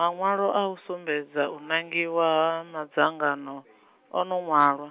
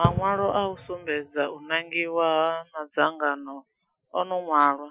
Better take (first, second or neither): first